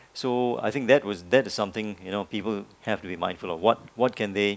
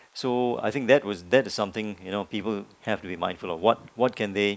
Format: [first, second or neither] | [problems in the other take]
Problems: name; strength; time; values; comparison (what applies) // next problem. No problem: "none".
first | noise reduction (neural mask model Resemble Enhance denoiser)